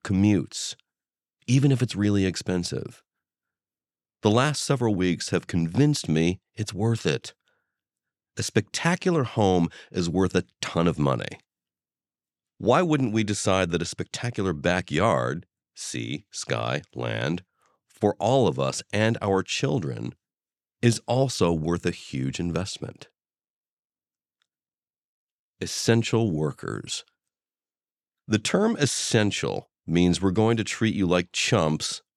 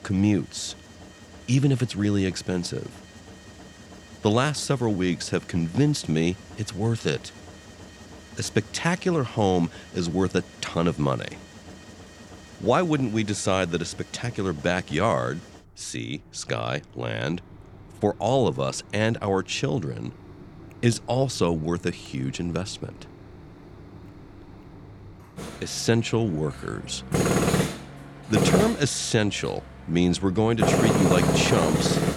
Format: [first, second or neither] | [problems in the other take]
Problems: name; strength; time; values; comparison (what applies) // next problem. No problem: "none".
first | machinery noise; very loud; throughout; as loud as the speech